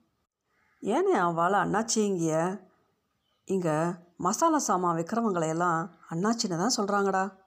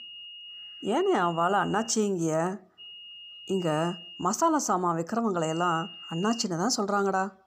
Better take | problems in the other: first | high-pitched whine; noticeable; until 2 s, from 3 to 4.5 s and from 5.5 to 6.5 s; 3 kHz, 15 dB below the speech

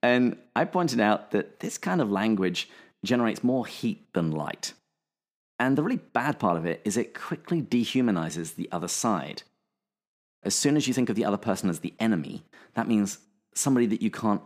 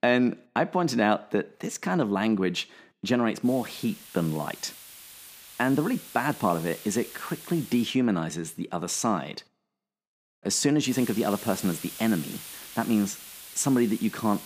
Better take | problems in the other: first | hiss; noticeable; from 3.5 to 8 s and from 11 s on; 15 dB below the speech

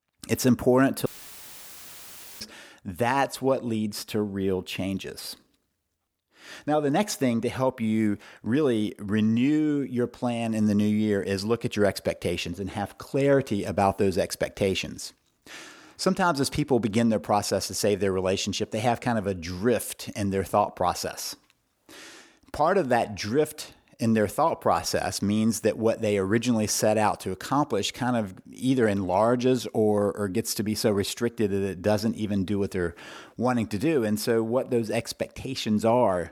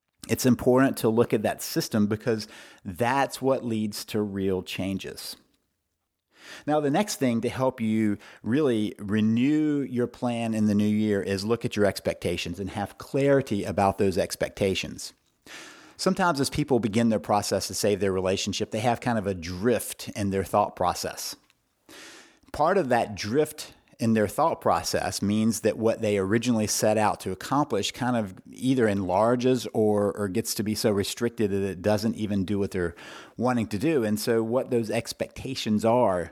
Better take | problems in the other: second | audio cutting out; filled with static; at 1 s for 1.5 s

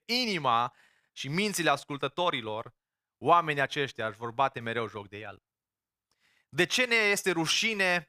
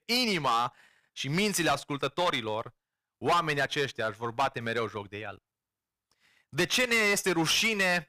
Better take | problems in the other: first | distortion; heavy; 7% of the sound clipped

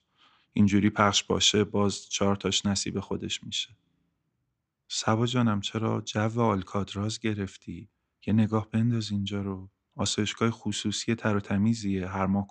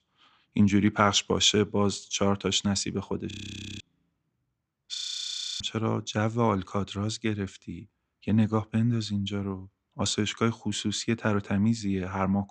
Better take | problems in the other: first | audio freezing; at 3.5 s and at 5 s for 0.5 s

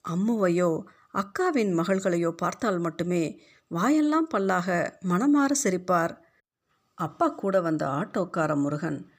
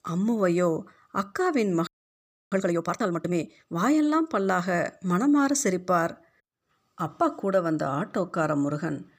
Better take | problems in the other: first | audio freezing; at 2 s for 0.5 s

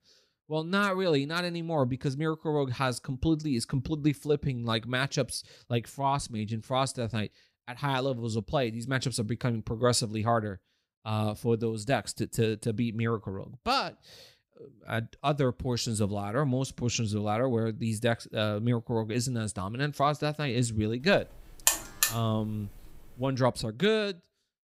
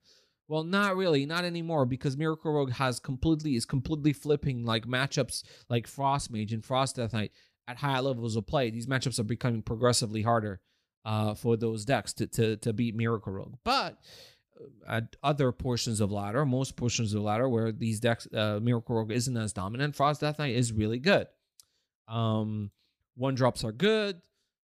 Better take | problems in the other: second | alarm; loud; at 22 s; peak 5 dB above the speech

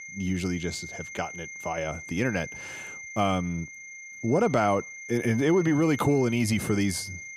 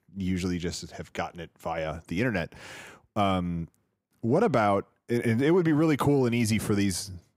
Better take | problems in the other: second | high-pitched whine; noticeable; throughout; 2 kHz, 10 dB below the speech

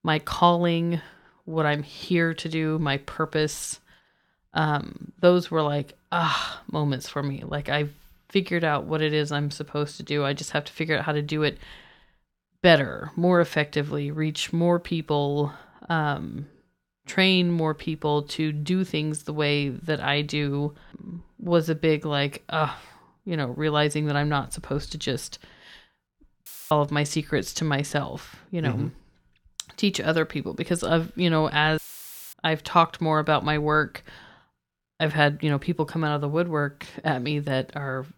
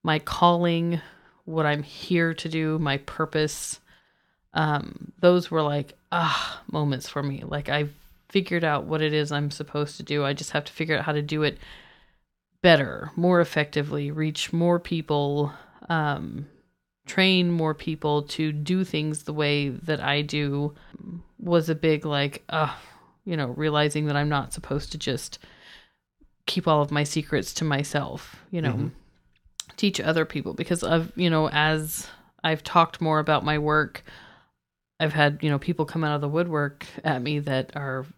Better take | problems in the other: second | audio cutting out; filled with static; at 26 s and at 32 s for 0.5 s

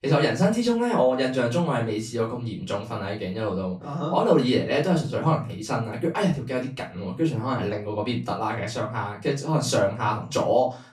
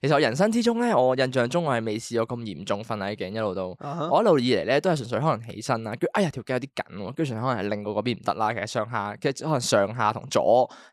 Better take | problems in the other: second | off-mic speech; far // room echo; slight; dies away in 0.3 s

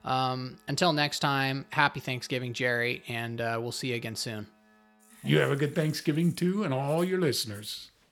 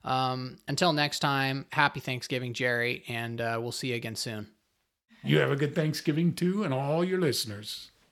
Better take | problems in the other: second | background music; faint; throughout; 25 dB below the speech

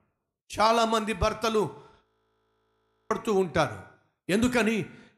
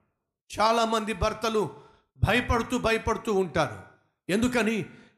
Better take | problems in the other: second | audio freezing; at 2 s for 1 s

